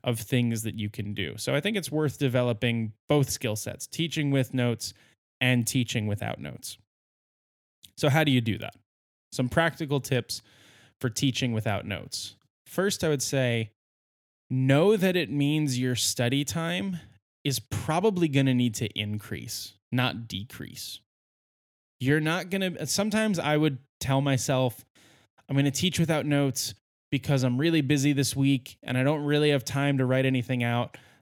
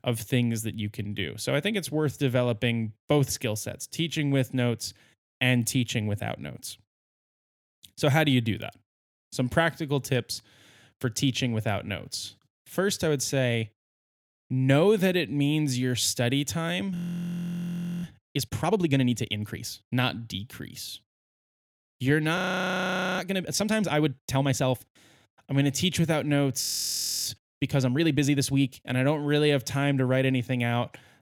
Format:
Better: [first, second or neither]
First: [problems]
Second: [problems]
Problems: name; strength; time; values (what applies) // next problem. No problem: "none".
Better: first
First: none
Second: audio freezing; at 17 s for 1 s, at 22 s for 1 s and at 27 s for 0.5 s